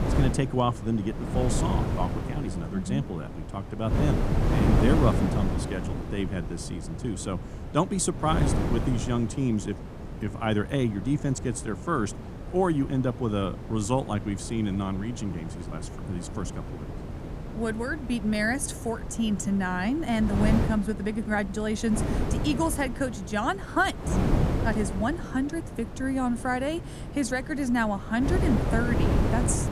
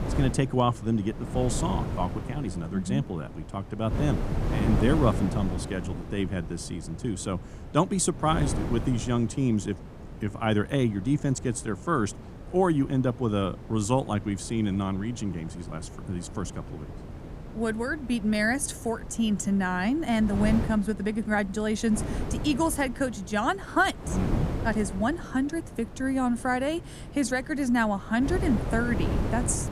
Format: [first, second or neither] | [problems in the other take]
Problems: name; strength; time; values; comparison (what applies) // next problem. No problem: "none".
second | wind noise on the microphone; heavy; 6 dB below the speech; occasional gusts in the second